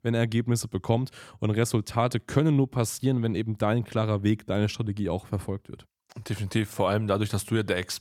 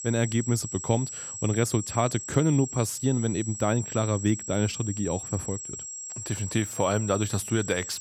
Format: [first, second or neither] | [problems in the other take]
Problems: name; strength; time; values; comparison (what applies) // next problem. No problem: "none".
first | high-pitched whine; loud; throughout; 7.5 kHz, 8 dB below the speech